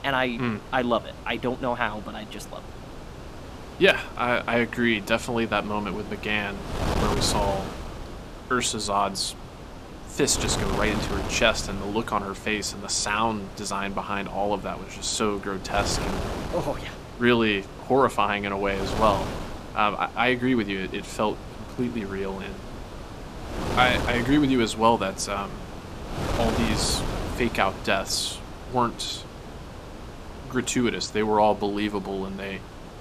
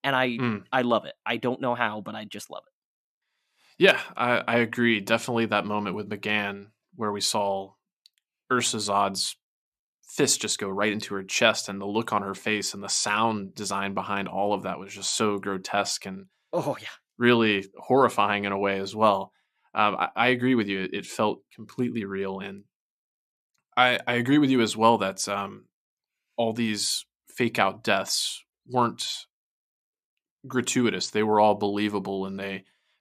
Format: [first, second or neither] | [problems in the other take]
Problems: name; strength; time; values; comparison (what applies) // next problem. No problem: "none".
second | wind noise on the microphone; occasional gusts; 10 dB below the speech